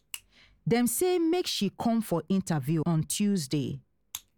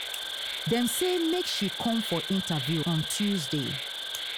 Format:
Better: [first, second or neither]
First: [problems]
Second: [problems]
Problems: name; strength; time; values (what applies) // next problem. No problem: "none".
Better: first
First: none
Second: background sound (Insect); 5 dB below the speech